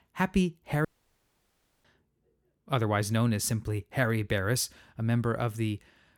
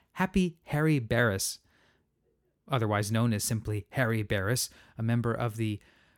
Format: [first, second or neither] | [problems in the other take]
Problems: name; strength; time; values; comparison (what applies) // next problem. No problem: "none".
second | audio cutting out; at 1 s for 1 s